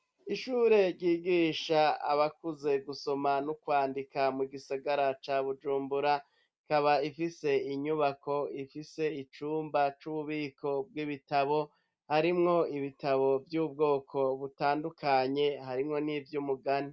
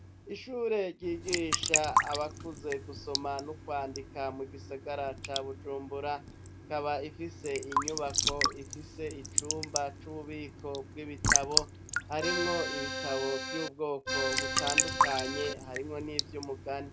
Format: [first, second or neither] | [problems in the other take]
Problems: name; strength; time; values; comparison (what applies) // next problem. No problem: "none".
first | background sound (Raindrop / Drip / Trickle, dribble + Accordion); 2 dB above the speech